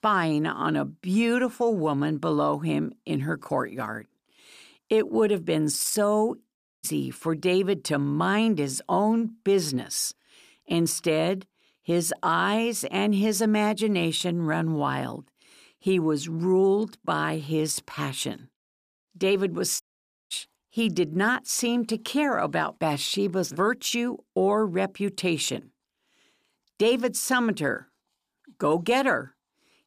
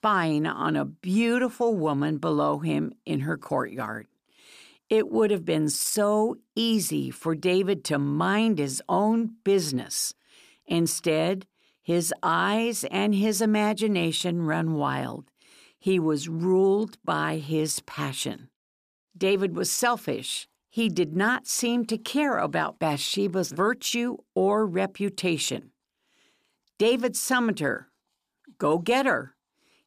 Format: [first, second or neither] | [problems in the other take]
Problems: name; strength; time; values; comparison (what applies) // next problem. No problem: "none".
second | audio cutting out; at 6.5 s and at 20 s for 0.5 s